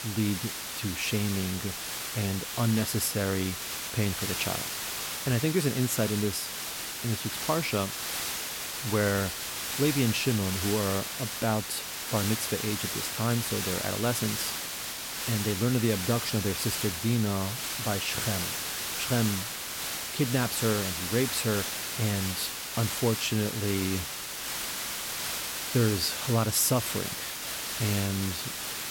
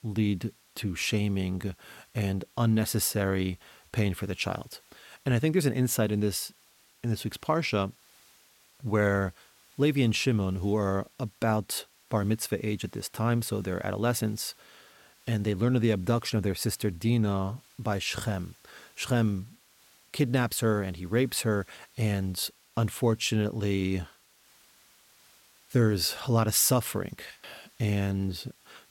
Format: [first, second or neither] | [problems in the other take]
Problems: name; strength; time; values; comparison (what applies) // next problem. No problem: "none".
second | hiss; loud; throughout; 2 dB below the speech; faint in the second